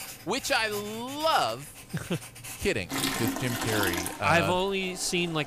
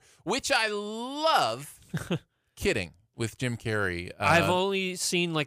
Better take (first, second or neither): second